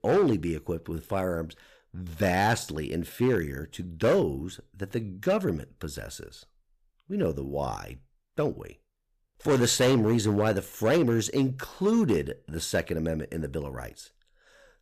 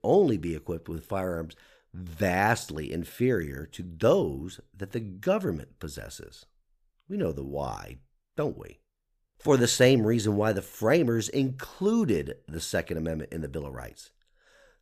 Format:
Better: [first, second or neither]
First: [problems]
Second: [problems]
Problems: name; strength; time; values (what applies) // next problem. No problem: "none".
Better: second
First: distortion; slight; 4% of the sound clipped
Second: none